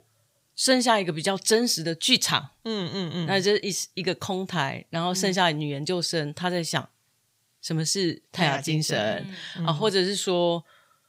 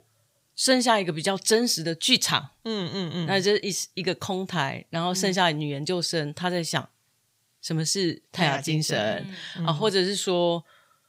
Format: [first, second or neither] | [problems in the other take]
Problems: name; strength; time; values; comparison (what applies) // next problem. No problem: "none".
neither | none